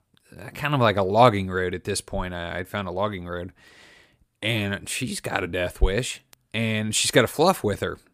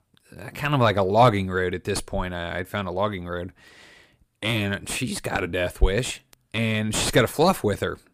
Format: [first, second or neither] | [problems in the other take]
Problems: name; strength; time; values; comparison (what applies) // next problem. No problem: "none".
first | distortion; slight; 9 dB below the speech